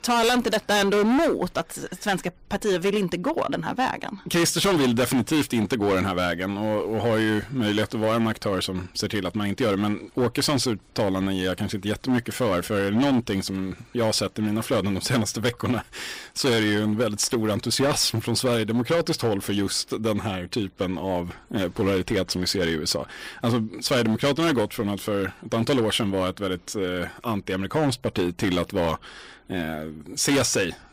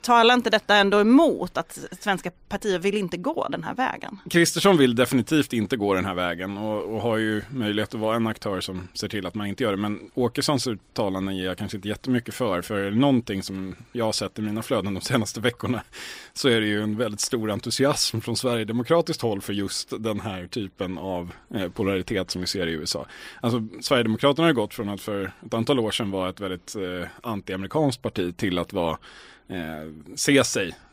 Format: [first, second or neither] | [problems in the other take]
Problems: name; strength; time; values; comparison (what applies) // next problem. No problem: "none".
second | distortion; heavy; 10% of the sound clipped